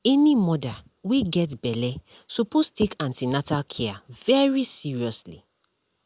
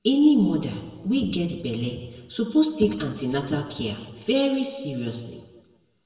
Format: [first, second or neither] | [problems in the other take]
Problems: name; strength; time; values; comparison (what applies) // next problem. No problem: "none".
first | room echo; dies away in 1.2 s